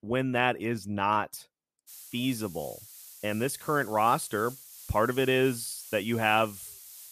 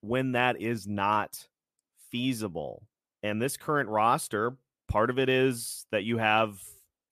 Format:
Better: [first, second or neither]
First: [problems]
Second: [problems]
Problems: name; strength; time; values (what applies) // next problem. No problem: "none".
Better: second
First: hiss; noticeable; from 2 s on; 15 dB below the speech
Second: none